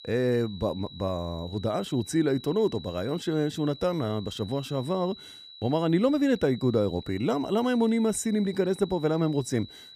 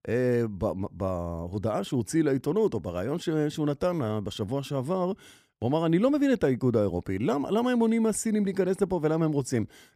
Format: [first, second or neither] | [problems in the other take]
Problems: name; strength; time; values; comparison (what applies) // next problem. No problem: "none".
second | high-pitched whine; noticeable; throughout; 4 kHz, 20 dB below the speech